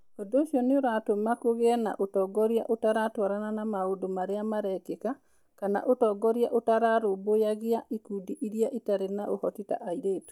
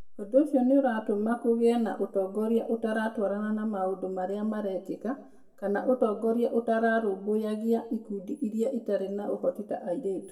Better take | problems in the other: first | room echo; dies away in 0.5 s

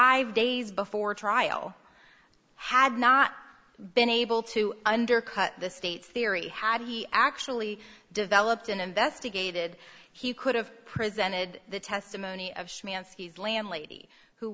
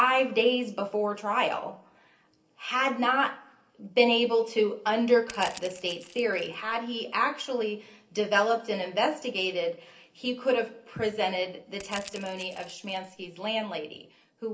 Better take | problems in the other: first | noise reduction (neural separator model SepFormer DNS4)

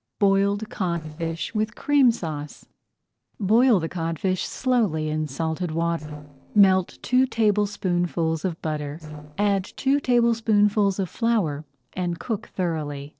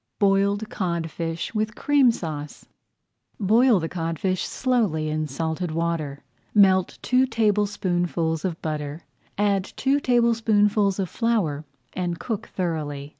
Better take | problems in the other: second | noise reduction (neural separator model SepFormer DNS4)

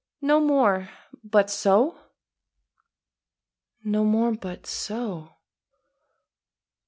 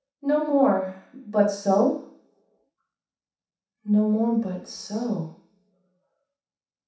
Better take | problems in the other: first | room echo; dies away in 0.7 s

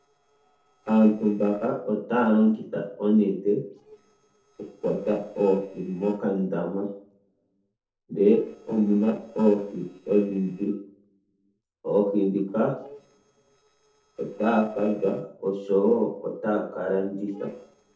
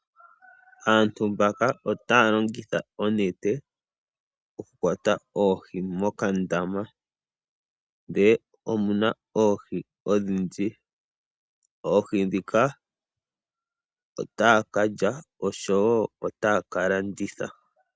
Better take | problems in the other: second | noise reduction (neural separator model SepFormer DNS4)

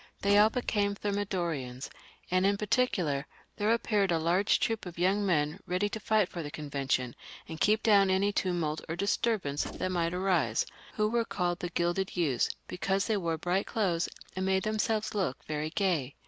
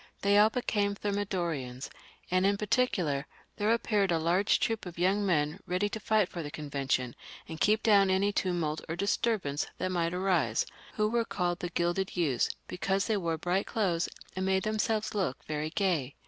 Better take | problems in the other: second | background sound (Gunshot, gunfire); 13 dB below the speech

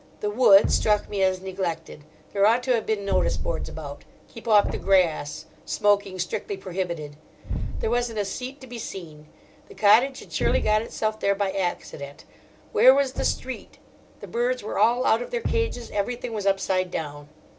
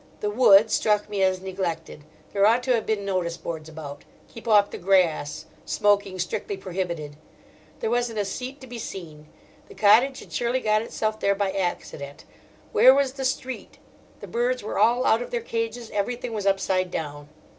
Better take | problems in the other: second | background sound (Thump, thud); 8 dB below the speech

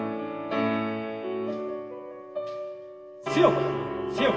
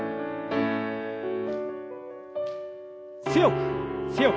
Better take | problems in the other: second | room echo; dies away in 1.4 s

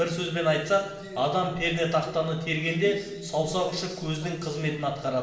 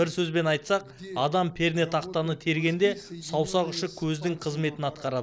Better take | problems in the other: second | room echo; dies away in 1 s

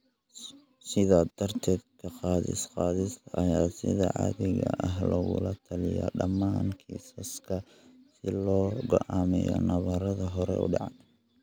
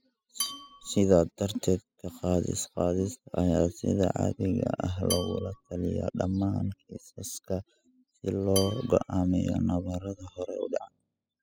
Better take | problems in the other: first | noise reduction (classical method spectral subtraction)

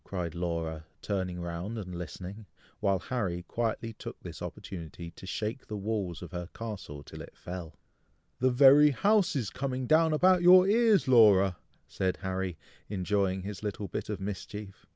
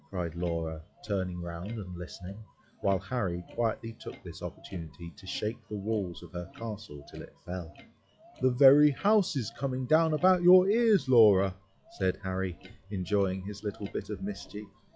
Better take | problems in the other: first | noise reduction (classical method log-MMSE)

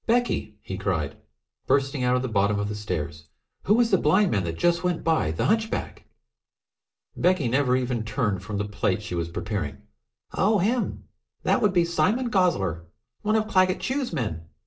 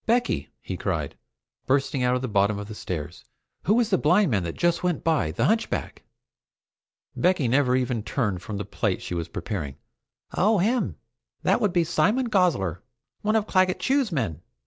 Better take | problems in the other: second | room echo; dies away in 0.3 s

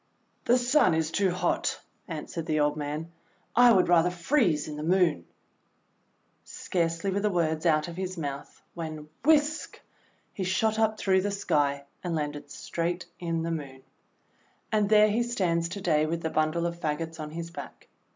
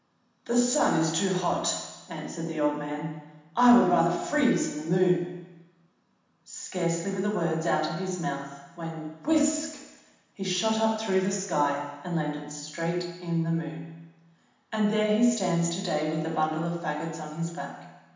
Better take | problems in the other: first | room echo; dies away in 1.1 s

